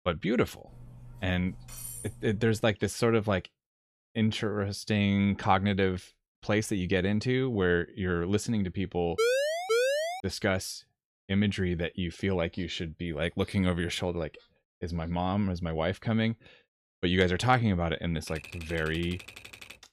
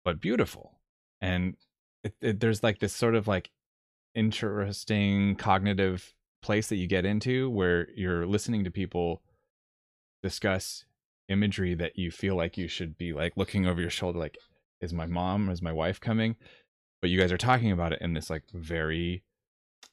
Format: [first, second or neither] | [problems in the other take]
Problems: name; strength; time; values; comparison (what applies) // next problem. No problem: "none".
second | clattering dishes; noticeable; from 0.5 to 2.5 s; peak 10 dB below the speech // siren; loud; from 9 to 10 s; peak 3 dB above the speech // keyboard typing; faint; from 18 s on; peak 15 dB below the speech